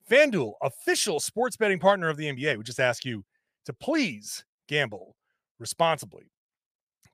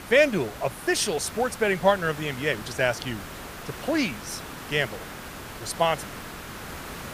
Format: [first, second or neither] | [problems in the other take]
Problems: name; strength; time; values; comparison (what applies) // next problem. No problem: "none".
first | hiss; noticeable; throughout; 10 dB below the speech